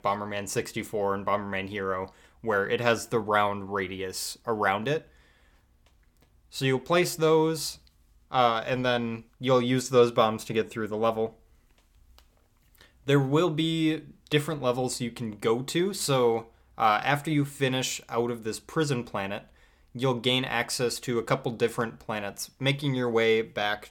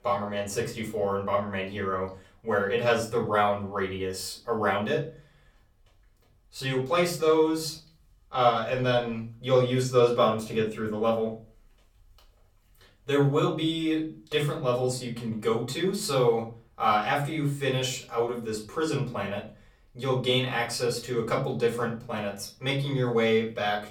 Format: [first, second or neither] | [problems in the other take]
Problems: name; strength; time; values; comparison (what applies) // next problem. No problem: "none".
first | off-mic speech; far // room echo; slight; dies away in 0.3 s